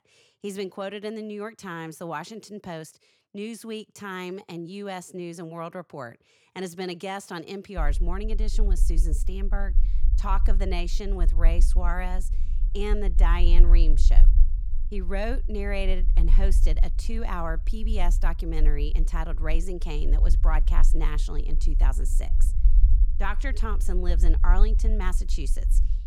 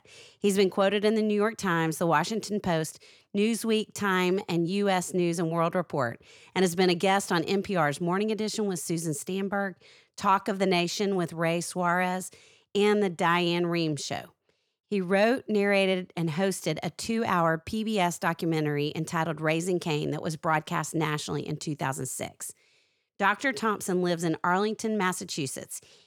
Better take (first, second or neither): second